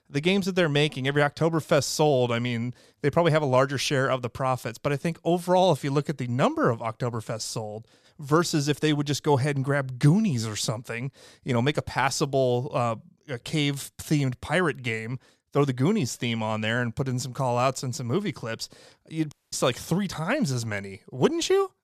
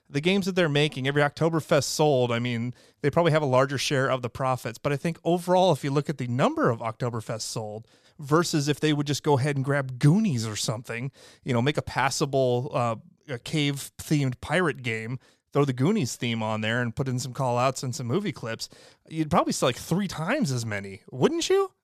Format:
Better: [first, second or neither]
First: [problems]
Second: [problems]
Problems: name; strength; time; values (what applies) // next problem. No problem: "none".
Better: second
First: audio cutting out; at 19 s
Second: none